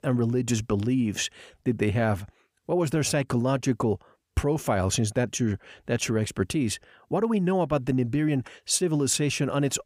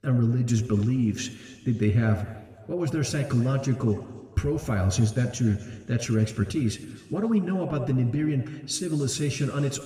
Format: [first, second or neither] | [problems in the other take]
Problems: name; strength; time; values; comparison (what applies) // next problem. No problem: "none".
first | room echo; slight; dies away in 1.8 s